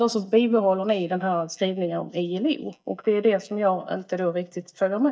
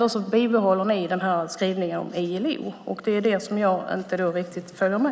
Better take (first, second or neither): second